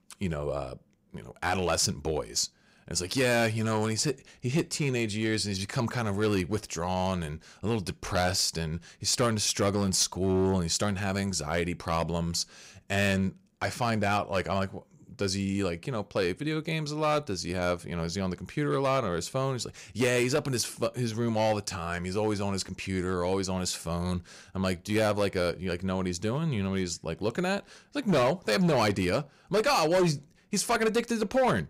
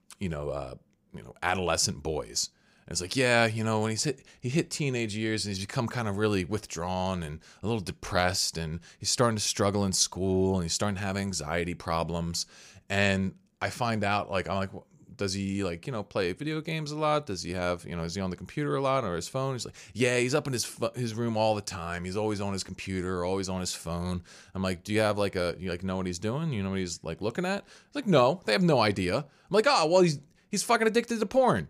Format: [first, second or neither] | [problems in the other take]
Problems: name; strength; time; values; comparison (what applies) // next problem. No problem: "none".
second | distortion; slight; 4% of the sound clipped